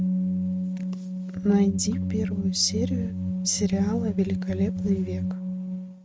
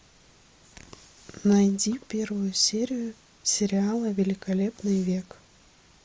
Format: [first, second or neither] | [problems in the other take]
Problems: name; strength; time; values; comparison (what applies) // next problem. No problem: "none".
second | noise reduction (neural mask model RNNoise)